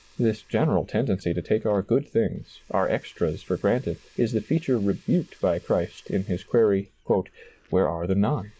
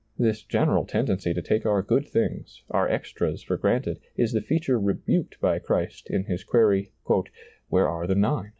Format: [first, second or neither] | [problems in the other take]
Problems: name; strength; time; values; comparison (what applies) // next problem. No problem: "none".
second | noise reduction (neural mask model Resemble Enhance denoiser)